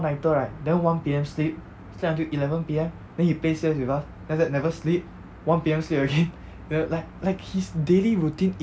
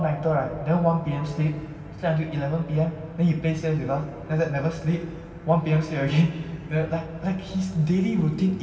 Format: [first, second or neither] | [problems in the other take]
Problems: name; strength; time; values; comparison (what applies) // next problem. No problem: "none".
first | room echo; dies away in 2.3 s